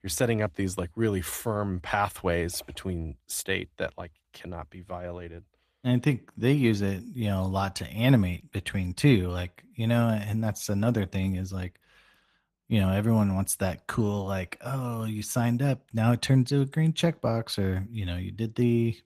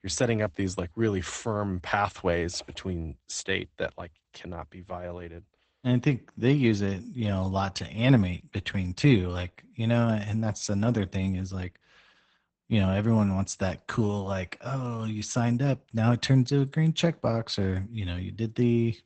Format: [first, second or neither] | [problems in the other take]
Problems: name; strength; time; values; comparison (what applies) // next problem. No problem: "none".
first | garbled, watery; badly; nothing above 8 kHz; slightly in the first